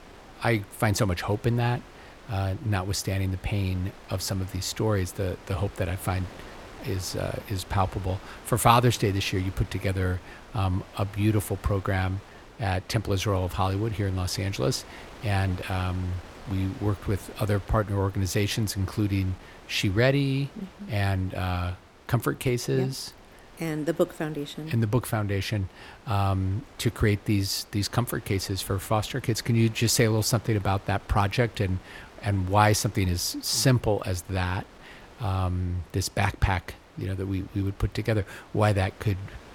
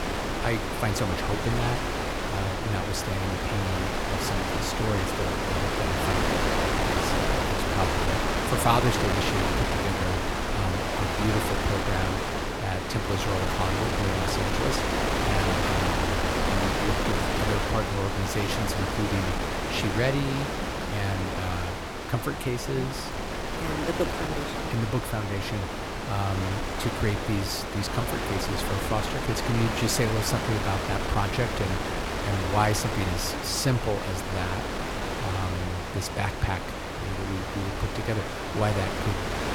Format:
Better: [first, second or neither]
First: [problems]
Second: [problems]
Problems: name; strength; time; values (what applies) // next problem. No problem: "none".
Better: first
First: wind noise on the microphone; occasional gusts; 20 dB below the speech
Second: wind noise on the microphone; heavy; 4 dB above the speech